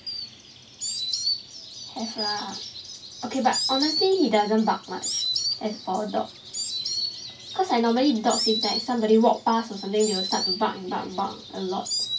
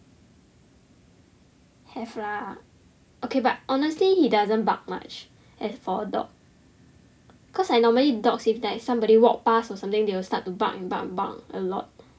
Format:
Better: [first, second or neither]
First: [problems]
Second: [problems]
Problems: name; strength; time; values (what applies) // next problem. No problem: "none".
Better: second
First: background sound (Insect); 5 dB below the speech // room echo; dies away in 0.1 s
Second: none